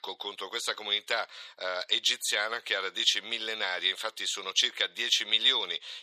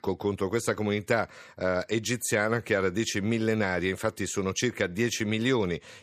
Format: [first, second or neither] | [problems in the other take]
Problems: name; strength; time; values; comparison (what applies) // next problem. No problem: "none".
second | thin; very; fading below 800 Hz